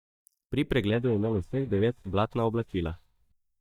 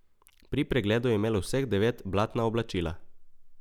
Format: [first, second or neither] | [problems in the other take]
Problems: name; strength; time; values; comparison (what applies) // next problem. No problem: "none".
second | noise reduction (neural mask model DeepFilterNet 3)